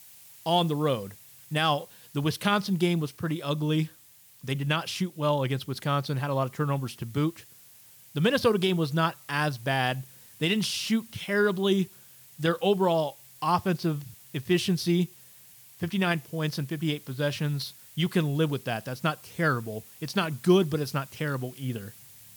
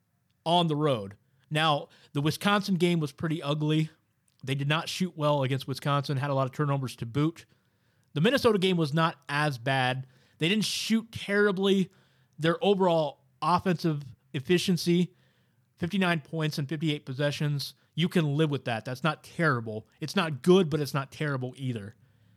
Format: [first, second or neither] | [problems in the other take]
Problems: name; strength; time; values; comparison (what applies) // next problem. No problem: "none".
second | hiss; faint; throughout; 20 dB below the speech